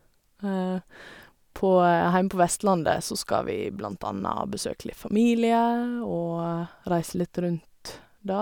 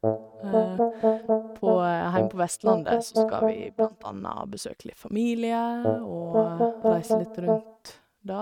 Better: first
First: none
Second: noise reduction (neural mask model RNNoise)

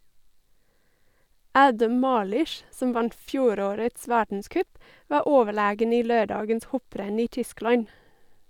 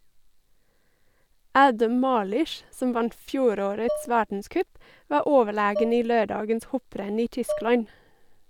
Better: first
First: none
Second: background sound (Dishes, pots, and pans); 9 dB below the speech

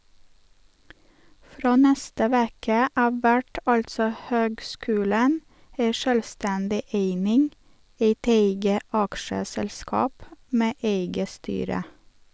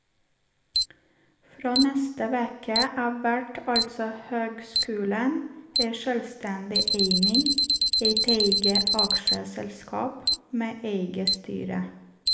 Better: first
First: none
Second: background sound (Alarm); as loud as the speech // room echo; dies away in 0.9 s

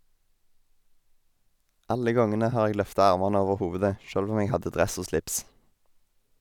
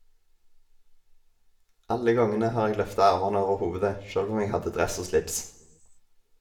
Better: first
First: none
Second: room echo; dies away in 0.5 s

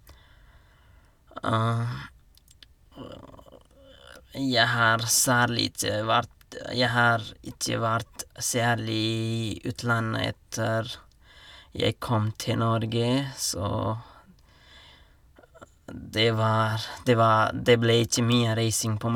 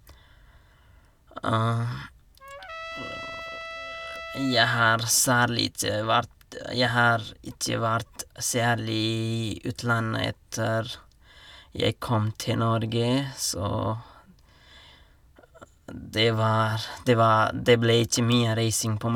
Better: first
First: none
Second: background sound (Trumpet); 12 dB below the speech

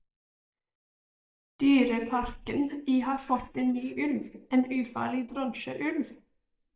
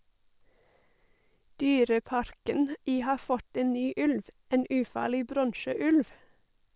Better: second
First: noise reduction (neural mask model DeepFilterNet 3)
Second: none

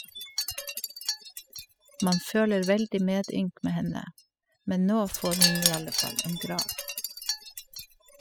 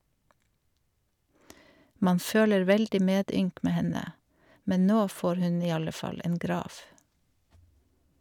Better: second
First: noise reduction (classical method spectral subtraction)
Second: none

